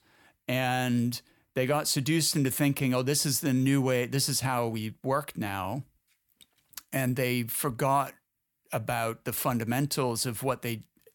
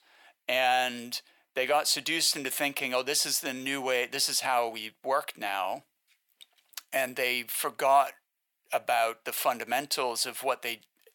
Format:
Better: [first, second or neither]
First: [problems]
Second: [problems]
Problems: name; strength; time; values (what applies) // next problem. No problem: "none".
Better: first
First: none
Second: thin; very; fading below 550 Hz